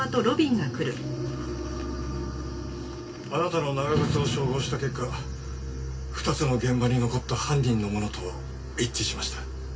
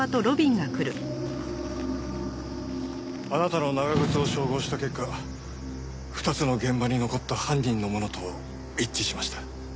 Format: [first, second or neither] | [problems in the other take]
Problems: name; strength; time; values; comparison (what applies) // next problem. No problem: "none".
second | room echo; dies away in 0.2 s